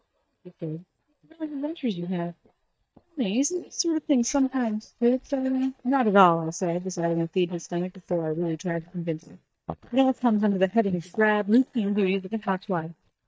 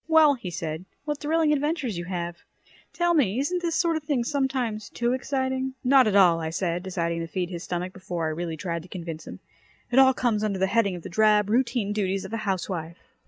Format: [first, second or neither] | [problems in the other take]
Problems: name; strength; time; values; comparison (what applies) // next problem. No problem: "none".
second | noise reduction (neural mask model DeepFilterNet 3)